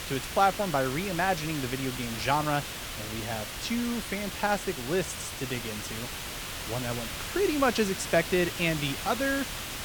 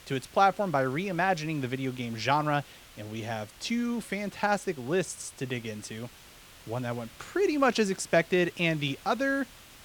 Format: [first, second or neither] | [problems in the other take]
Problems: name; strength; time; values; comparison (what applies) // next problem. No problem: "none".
second | hiss; loud; throughout; 6 dB below the speech; faint in the second